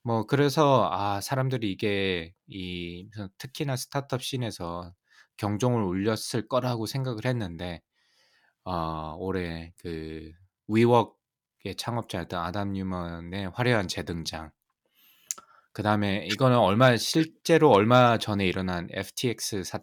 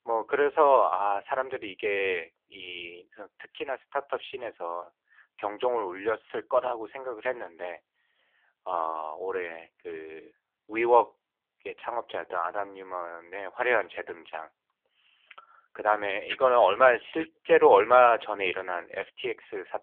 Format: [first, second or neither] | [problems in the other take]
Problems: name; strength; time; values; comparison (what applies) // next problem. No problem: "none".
first | phone-call audio; poor line; nothing above 3.5 kHz